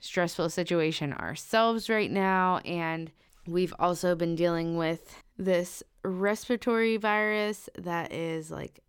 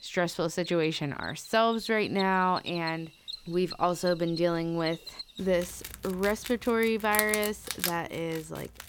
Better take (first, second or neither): first